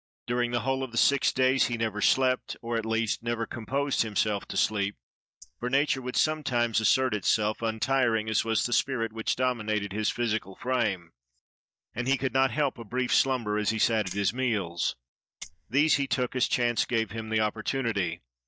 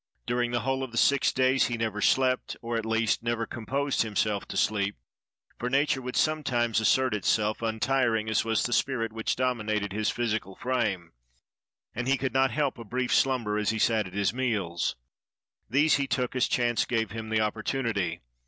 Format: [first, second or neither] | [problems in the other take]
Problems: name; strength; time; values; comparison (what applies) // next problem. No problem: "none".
second | noise reduction (neural mask model DeepFilterNet 3)